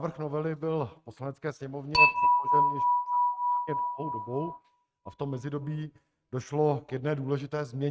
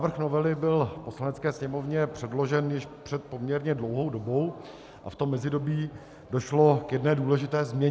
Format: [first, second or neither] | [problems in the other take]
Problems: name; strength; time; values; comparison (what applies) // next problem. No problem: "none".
second | noise reduction (neural mask model RNNoise)